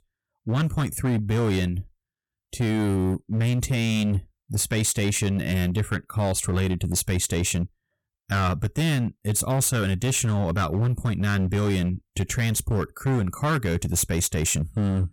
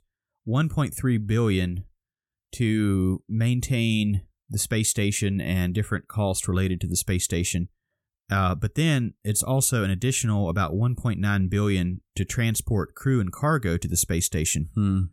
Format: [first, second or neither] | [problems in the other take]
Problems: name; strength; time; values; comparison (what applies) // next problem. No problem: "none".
second | distortion; slight; 18% of the sound clipped